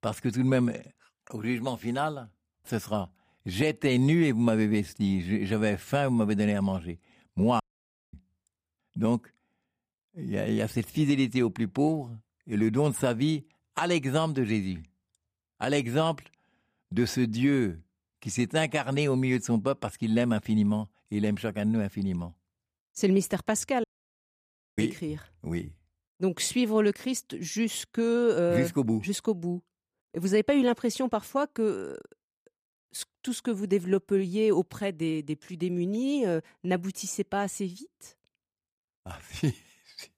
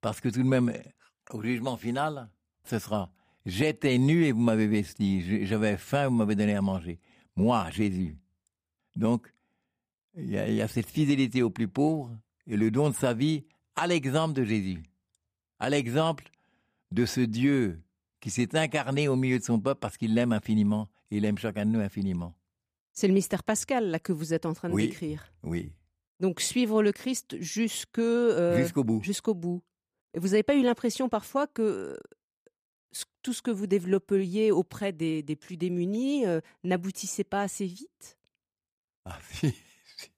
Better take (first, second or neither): second